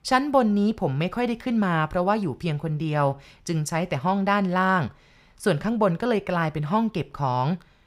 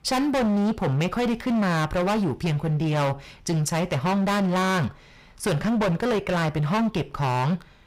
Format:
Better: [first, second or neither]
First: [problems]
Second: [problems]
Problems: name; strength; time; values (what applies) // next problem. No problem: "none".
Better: first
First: none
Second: distortion; heavy; 29% of the sound clipped